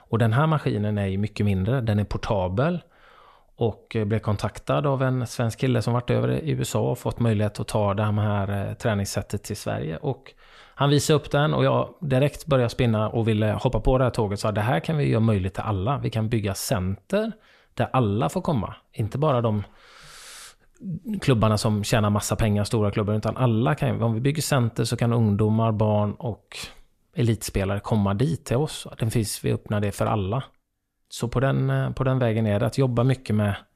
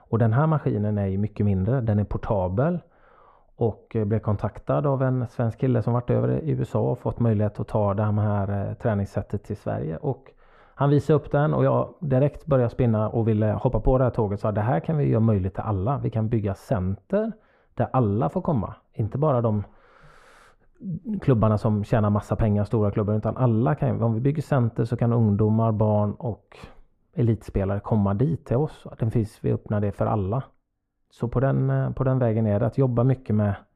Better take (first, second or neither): first